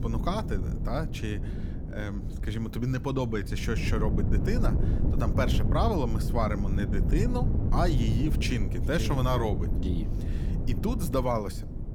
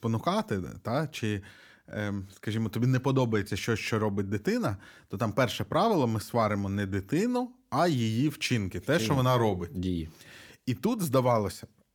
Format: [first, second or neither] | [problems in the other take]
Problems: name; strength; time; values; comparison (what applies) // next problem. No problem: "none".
second | wind noise on the microphone; heavy; 8 dB below the speech